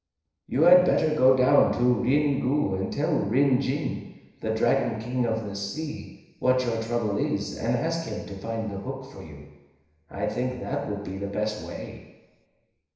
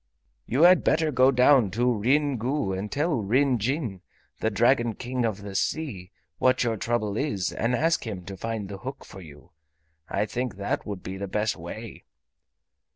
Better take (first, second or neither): second